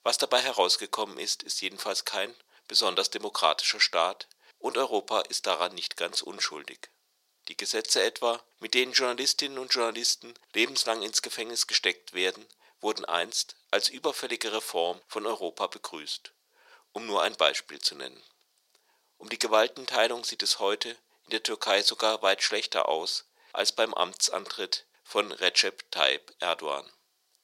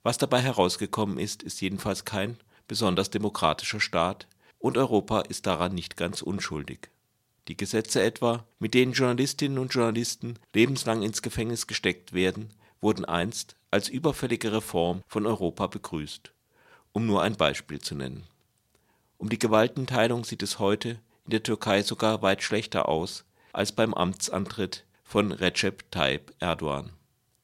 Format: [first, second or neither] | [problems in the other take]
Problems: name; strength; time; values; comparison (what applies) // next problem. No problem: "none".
second | thin; very; fading below 450 Hz